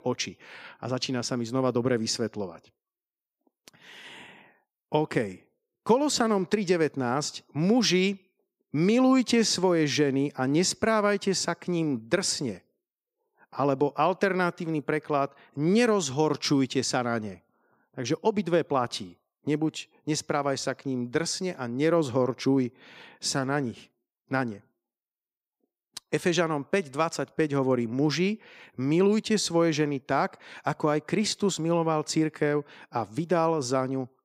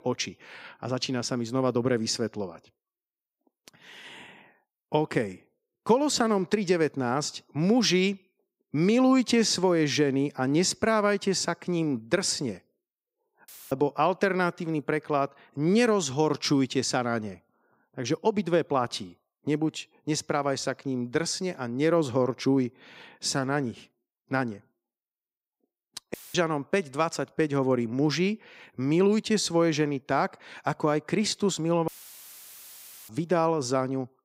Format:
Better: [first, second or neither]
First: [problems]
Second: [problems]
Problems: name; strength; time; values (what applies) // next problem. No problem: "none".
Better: first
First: none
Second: audio cutting out; filled with static; at 13 s, at 26 s and at 32 s for 1 s